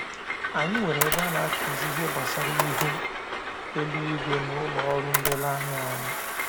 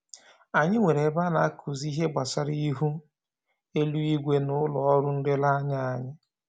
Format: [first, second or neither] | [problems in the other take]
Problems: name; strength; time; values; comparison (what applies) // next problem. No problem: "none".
second | background sound (Train + Camera); 2 dB above the speech